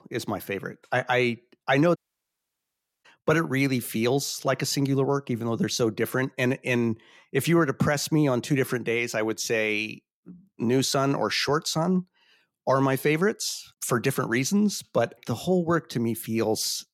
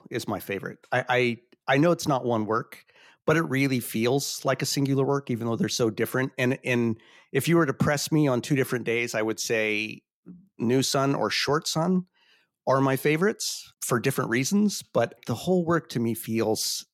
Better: second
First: audio cutting out; at 2 s for 1 s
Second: none

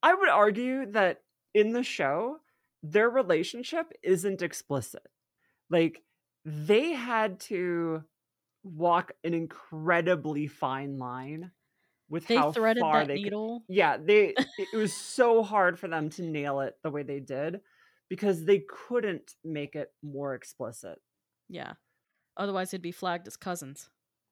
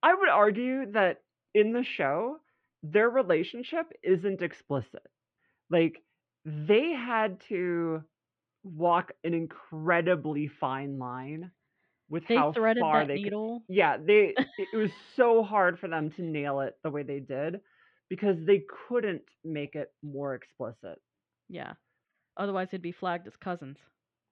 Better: first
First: none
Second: muffled; very; fading above 3 kHz

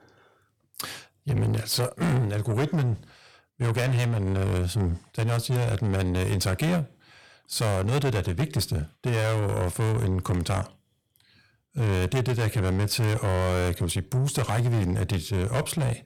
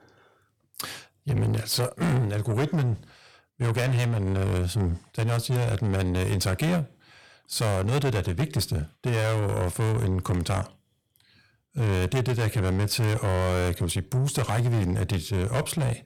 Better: neither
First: distortion; heavy; 7 dB below the speech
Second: distortion; heavy; 7 dB below the speech

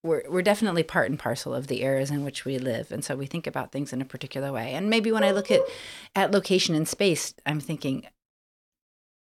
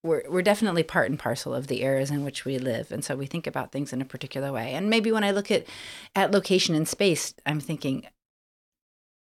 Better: second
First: dog barking; loud; at 5 s; peak 1 dB above the speech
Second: none

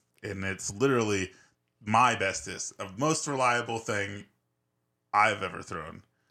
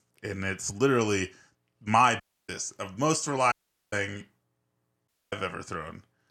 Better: first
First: none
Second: audio cutting out; at 2 s, at 3.5 s and at 5 s

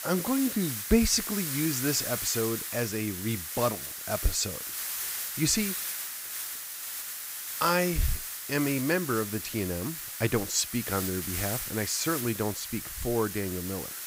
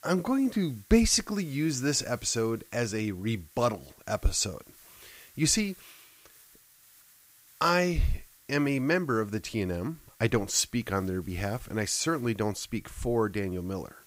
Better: second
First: hiss; loud; throughout; 4 dB below the speech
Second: hiss; faint; throughout; 25 dB below the speech

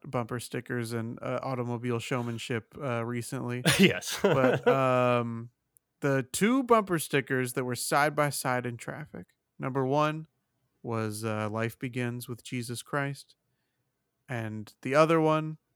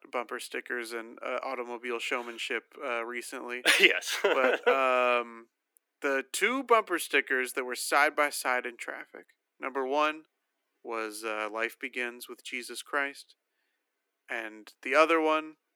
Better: first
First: none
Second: thin; somewhat; fading below 300 Hz

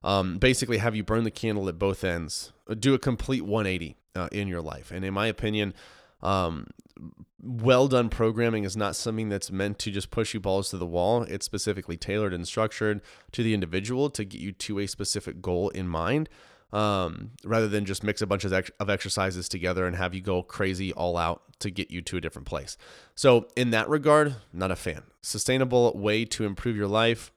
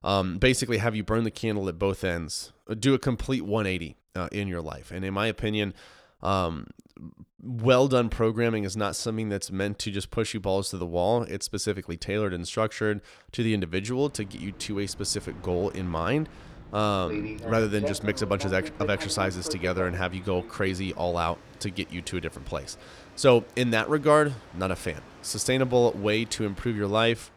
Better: first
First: none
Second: train or aircraft noise; noticeable; from 14 s on; 15 dB below the speech

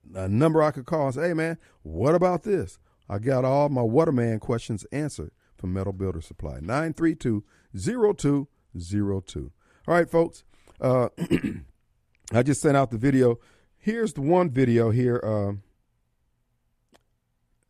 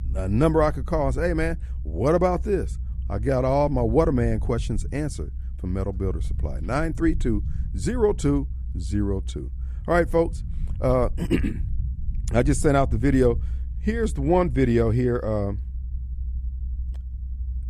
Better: first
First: none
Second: low rumble; faint; throughout; 25 dB below the speech

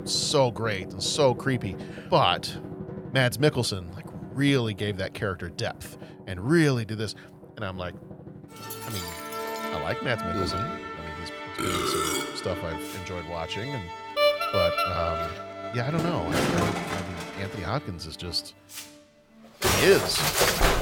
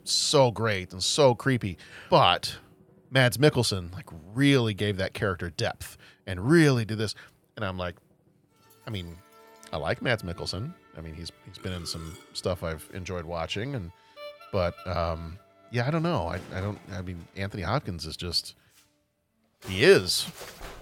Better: second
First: background music; loud; throughout; 2 dB below the speech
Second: background music; faint; throughout; 25 dB below the speech

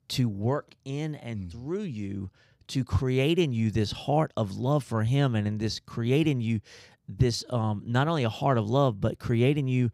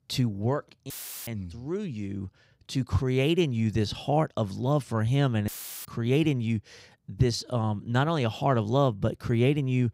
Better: first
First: none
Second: audio cutting out; filled with static; at 1 s and at 5.5 s

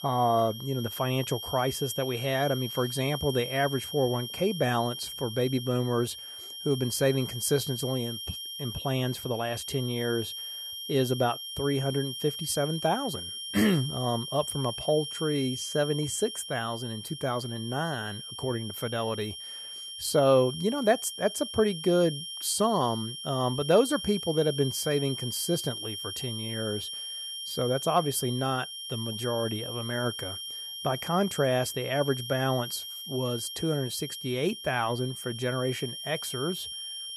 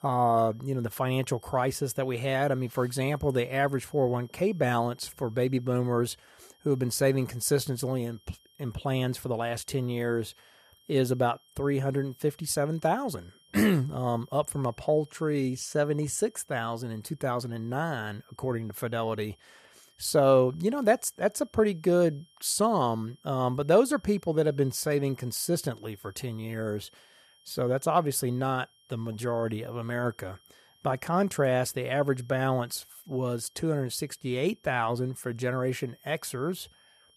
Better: second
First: high-pitched whine; loud; throughout; 3 kHz, 7 dB below the speech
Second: high-pitched whine; faint; throughout; 3 kHz, 30 dB below the speech

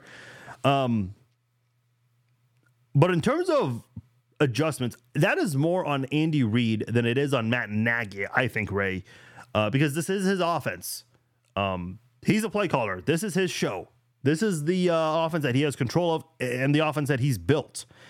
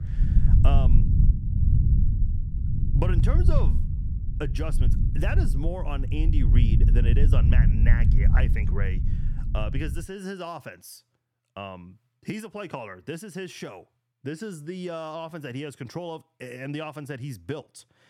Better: first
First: none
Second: low rumble; loud; until 10 s; 4 dB below the speech

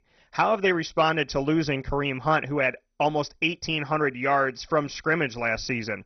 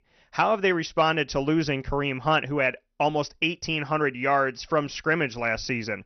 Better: second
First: garbled, watery; badly; nothing above 6 kHz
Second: garbled, watery; slightly; nothing above 6 kHz

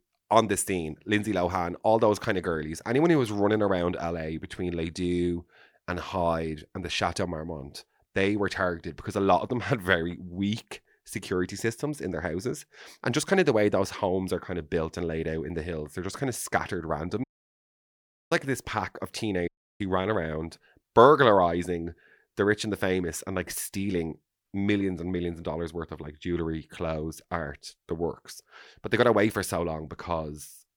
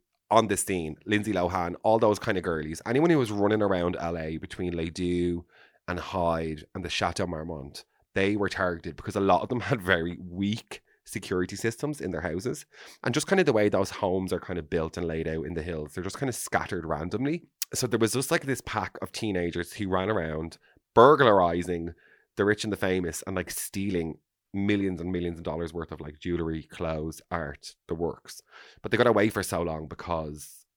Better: second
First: audio cutting out; at 17 s for 1 s and at 19 s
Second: none

